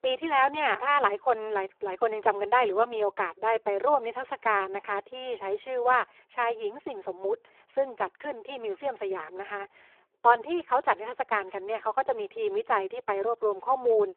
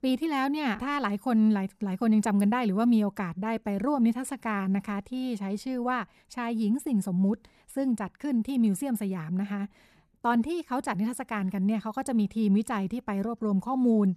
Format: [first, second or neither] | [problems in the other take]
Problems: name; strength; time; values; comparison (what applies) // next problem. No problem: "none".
second | phone-call audio; poor line